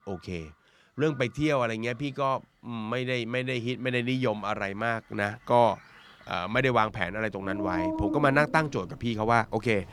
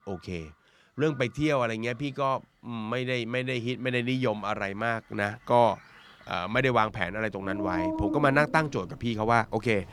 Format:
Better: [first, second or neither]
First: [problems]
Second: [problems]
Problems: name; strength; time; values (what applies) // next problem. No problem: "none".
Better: neither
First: animal sounds; loud; throughout; 7 dB below the speech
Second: animal sounds; loud; throughout; 7 dB below the speech